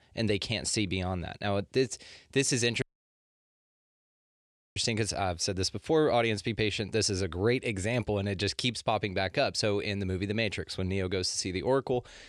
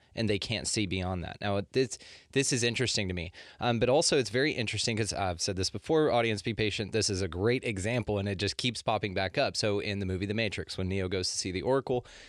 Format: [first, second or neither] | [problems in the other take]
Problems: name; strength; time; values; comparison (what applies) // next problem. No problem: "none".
second | audio cutting out; at 3 s for 2 s